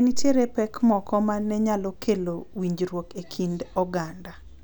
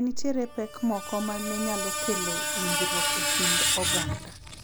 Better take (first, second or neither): first